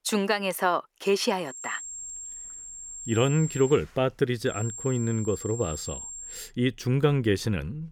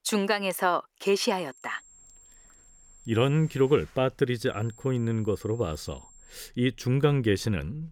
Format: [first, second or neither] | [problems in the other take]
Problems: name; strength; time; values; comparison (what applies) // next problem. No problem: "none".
second | high-pitched whine; loud; from 1.5 to 4 s and from 4.5 to 6.5 s; 7.5 kHz, 10 dB below the speech; faint in the second